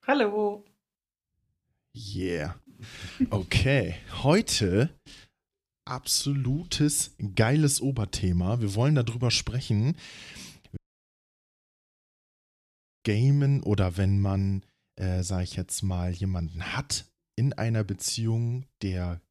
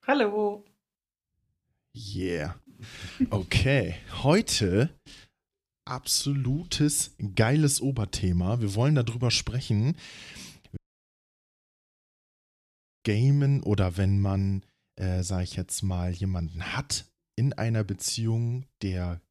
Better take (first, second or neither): neither